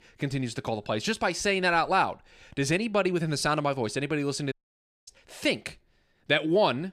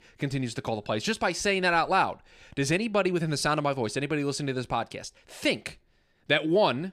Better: second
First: audio cutting out; at 4.5 s for 0.5 s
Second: none

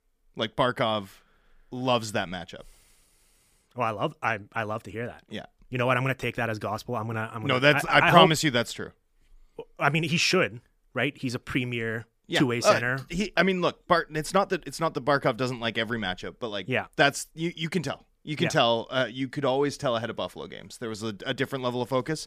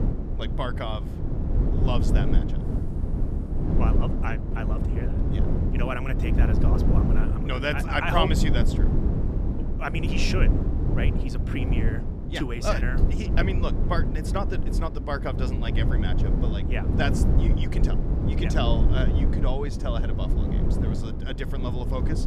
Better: first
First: none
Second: low rumble; loud; throughout; 4 dB below the speech

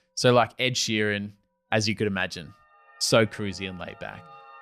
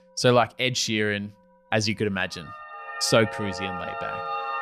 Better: first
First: background music; faint; throughout; 25 dB below the speech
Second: background music; loud; throughout; 9 dB below the speech

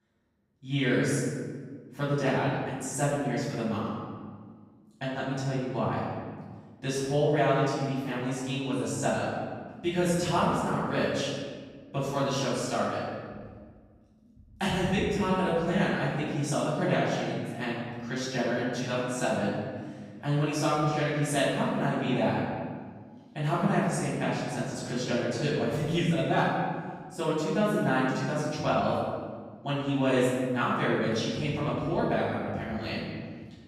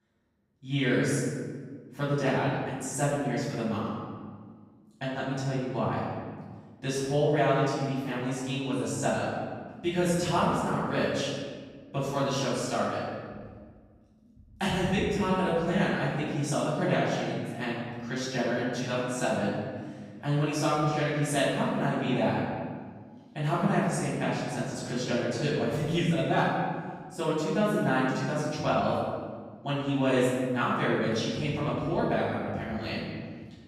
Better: neither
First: room echo; strong; dies away in 1.6 s // off-mic speech; far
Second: room echo; strong; dies away in 1.6 s // off-mic speech; far

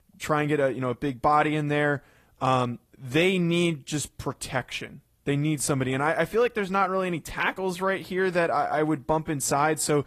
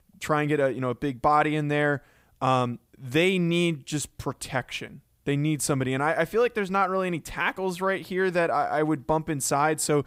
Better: second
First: garbled, watery; slightly; nothing above 13.5 kHz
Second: none

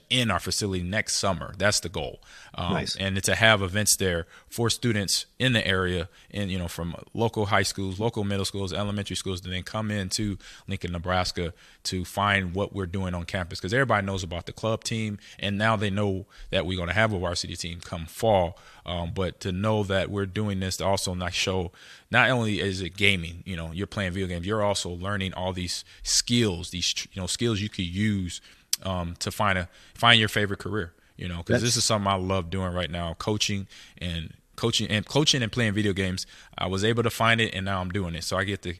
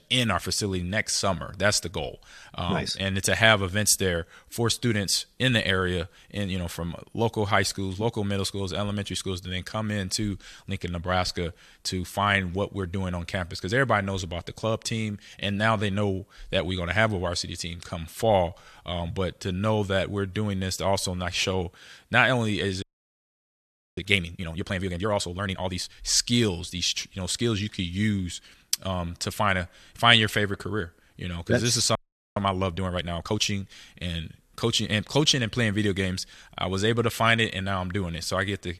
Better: first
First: none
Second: audio freezing; at 23 s for 1 s and at 32 s

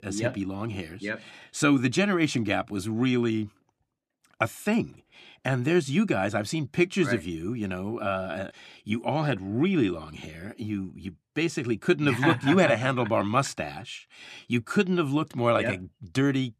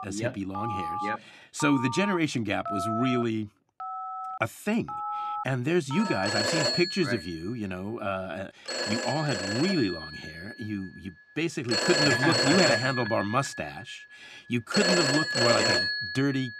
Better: first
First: none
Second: alarms or sirens; very loud; throughout; as loud as the speech

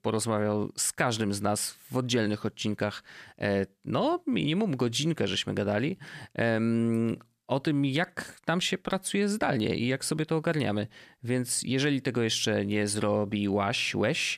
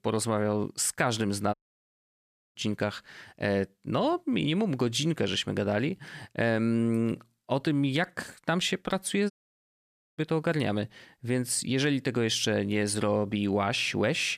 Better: first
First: none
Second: audio cutting out; at 1.5 s for 1 s and at 9.5 s for 1 s

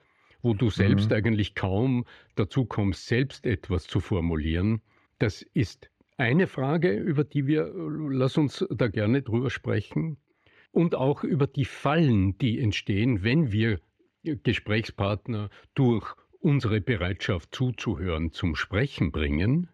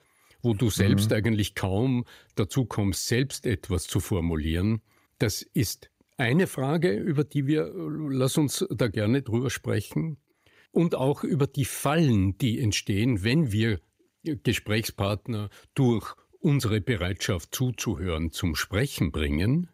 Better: second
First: muffled; slightly; fading above 2.5 kHz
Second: none

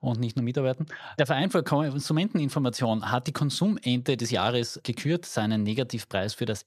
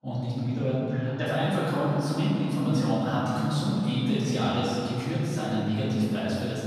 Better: first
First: none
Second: off-mic speech; far // room echo; strong; dies away in 3 s

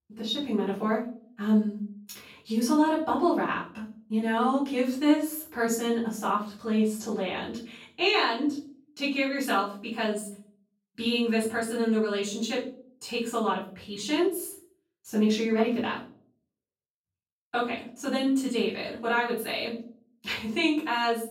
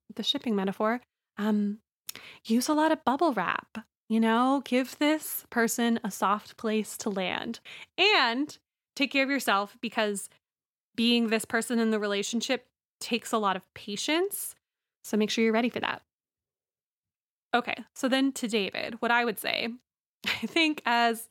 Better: second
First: off-mic speech; far // room echo; noticeable; dies away in 0.5 s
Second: none

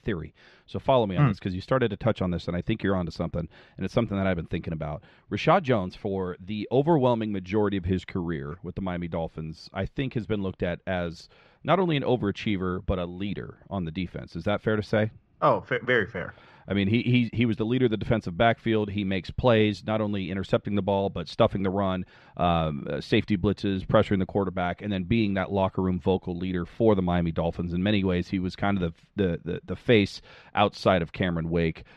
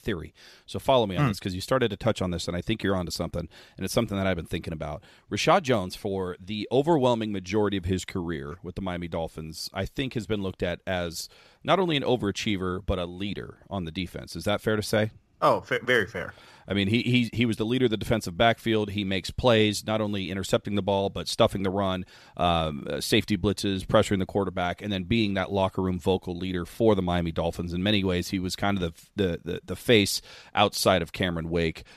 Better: second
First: muffled; slightly; fading above 2.5 kHz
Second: none

